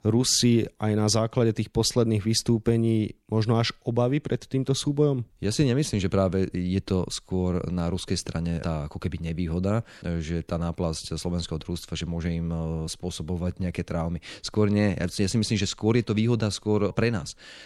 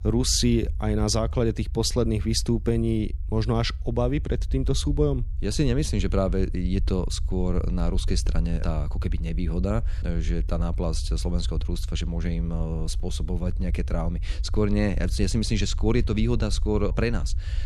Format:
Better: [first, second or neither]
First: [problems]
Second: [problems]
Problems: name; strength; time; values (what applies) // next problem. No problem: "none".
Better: first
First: none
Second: low rumble; faint; throughout; 20 dB below the speech